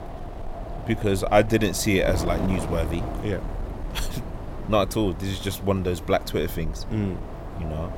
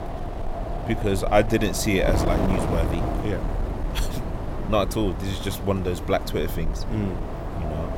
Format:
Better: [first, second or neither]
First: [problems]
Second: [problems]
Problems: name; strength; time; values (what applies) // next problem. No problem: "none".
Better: first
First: wind noise on the microphone; occasional gusts; 10 dB below the speech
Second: wind noise on the microphone; heavy; 6 dB below the speech